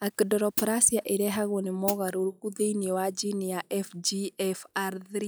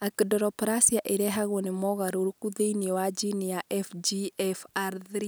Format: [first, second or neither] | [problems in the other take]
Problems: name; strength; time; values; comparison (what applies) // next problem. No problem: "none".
second | noise reduction (classical method log-MMSE)